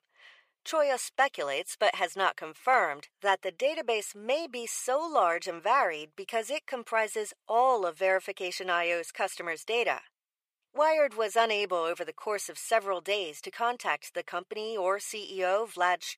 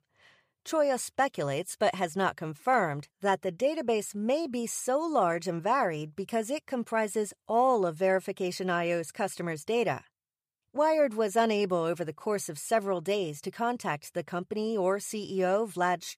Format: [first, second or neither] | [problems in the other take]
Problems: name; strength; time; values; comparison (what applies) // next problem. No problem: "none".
second | thin; very; fading below 550 Hz